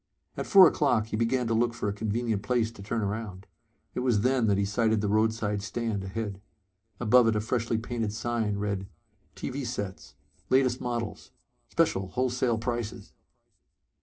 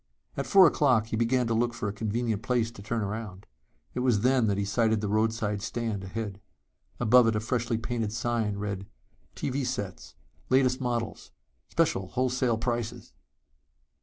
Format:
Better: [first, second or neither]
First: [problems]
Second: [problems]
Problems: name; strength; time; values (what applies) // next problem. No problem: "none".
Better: second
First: room echo; dies away in 0.3 s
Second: none